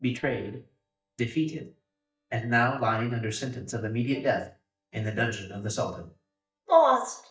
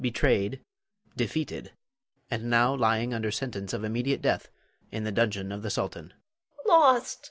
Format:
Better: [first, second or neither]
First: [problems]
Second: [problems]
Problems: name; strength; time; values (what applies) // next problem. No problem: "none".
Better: second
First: noise reduction (neural mask model DeepFilterNet 3)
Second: none